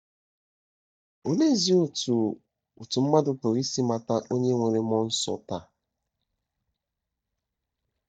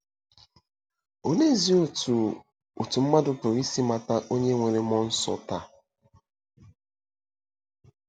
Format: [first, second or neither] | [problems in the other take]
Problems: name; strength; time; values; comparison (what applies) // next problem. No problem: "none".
second | noise reduction (neural mask model DeepFilterNet 3)